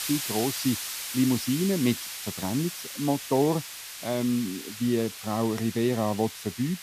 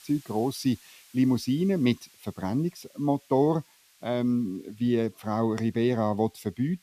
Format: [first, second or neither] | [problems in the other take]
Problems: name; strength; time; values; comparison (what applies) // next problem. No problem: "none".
second | hiss; loud; throughout; 7 dB below the speech; faint in the second